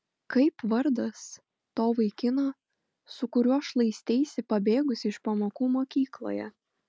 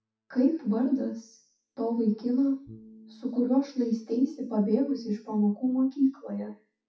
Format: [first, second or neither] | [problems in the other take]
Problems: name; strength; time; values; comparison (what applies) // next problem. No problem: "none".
first | noise reduction (classical method WPE with log-MMSE)